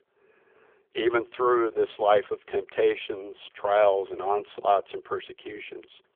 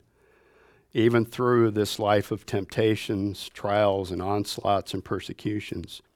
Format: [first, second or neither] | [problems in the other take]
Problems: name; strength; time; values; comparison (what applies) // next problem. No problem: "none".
second | phone-call audio; poor line; nothing above 3.5 kHz